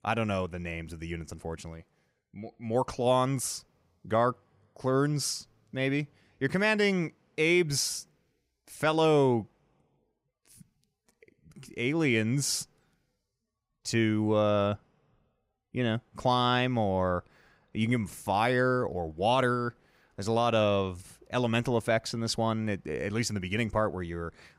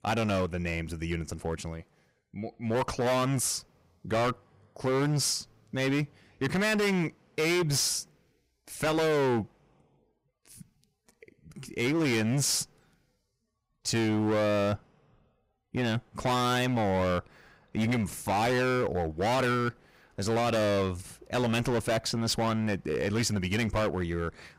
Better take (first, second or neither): first